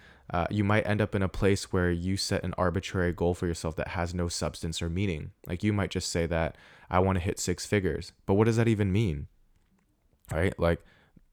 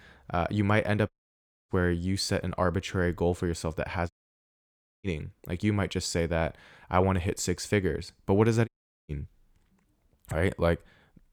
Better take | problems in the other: first | audio cutting out; at 1 s for 0.5 s, at 4 s for 1 s and at 8.5 s

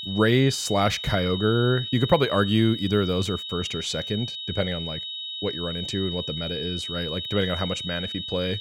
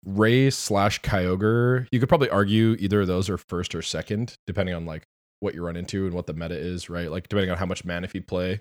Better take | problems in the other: second | high-pitched whine; loud; throughout; 4 kHz, 6 dB below the speech

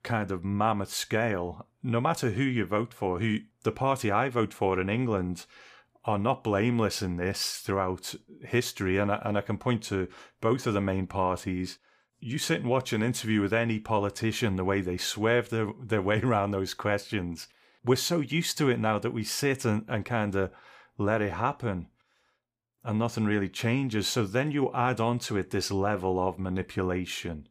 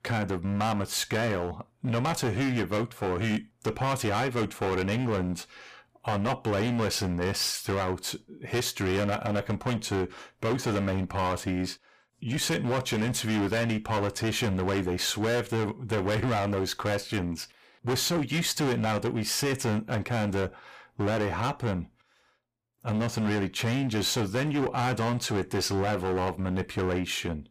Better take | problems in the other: first | distortion; heavy; 19% of the sound clipped

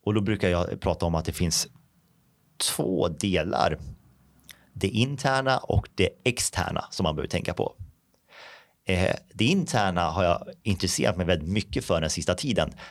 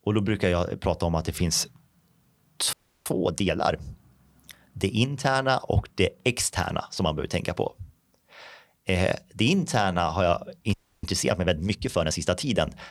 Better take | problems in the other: first | audio freezing; at 2.5 s and at 11 s

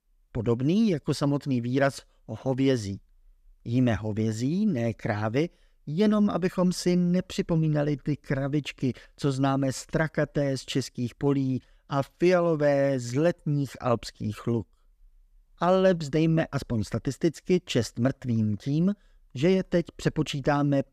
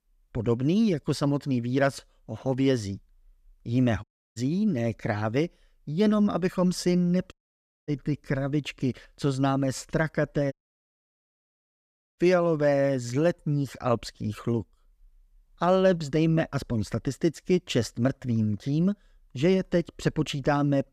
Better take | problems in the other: first | audio cutting out; at 4 s, at 7.5 s for 0.5 s and at 11 s for 1.5 s

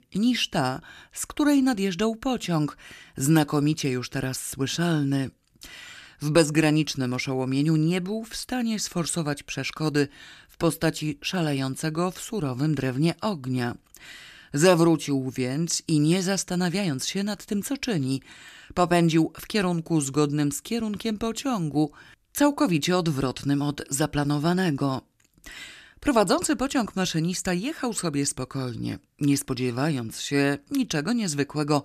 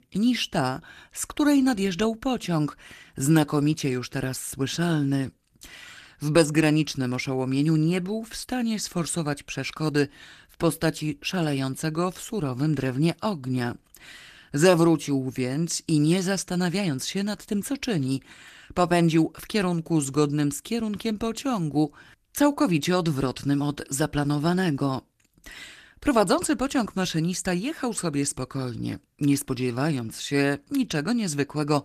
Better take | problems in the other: first | garbled, watery; slightly; nothing above 14.5 kHz

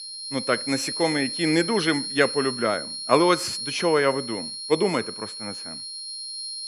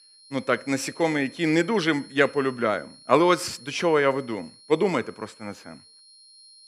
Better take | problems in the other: second | high-pitched whine; loud; throughout; 4.5 kHz, 6 dB below the speech; faint in the second

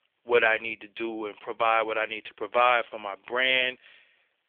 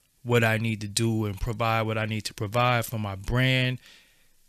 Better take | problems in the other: second | phone-call audio; nothing above 3.5 kHz

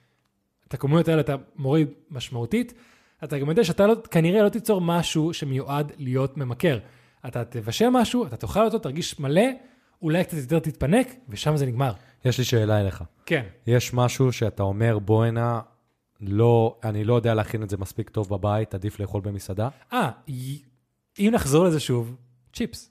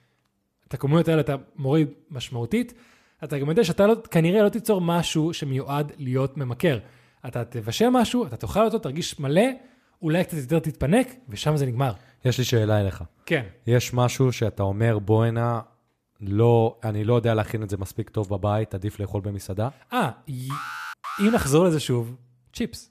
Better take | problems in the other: first | alarm; noticeable; at 21 s; peak 8 dB below the speech

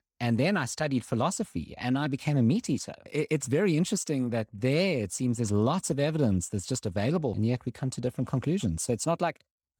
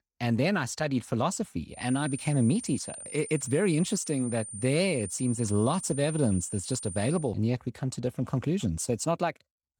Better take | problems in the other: first | high-pitched whine; loud; from 2 to 7 s; 9 kHz, 10 dB below the speech

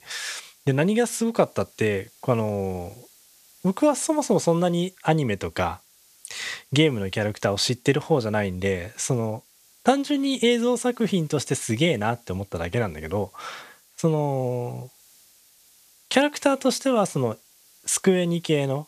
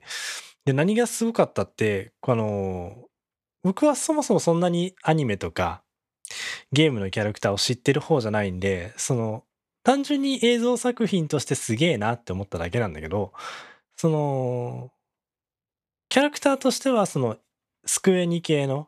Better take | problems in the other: second | hiss; faint; throughout; 30 dB below the speech

